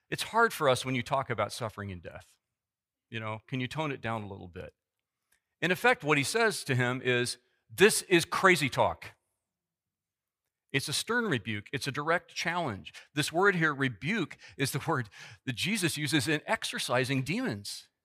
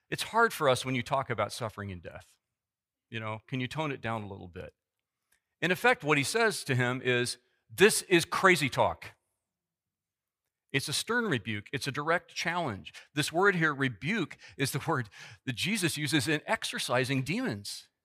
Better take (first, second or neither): neither